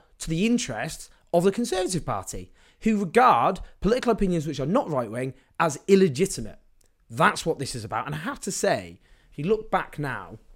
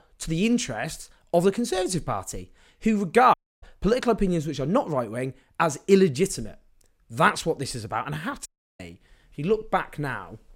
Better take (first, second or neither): first